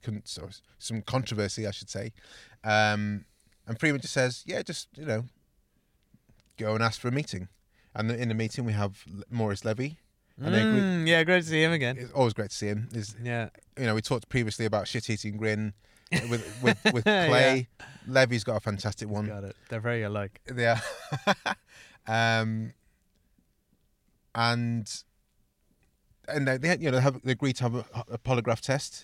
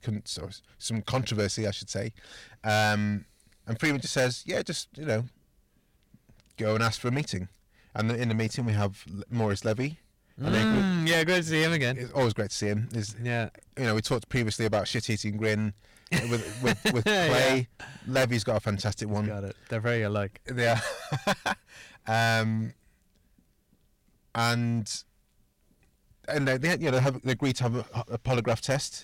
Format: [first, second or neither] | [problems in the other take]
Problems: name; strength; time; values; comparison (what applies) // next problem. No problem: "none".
first | distortion; heavy; 8% of the sound clipped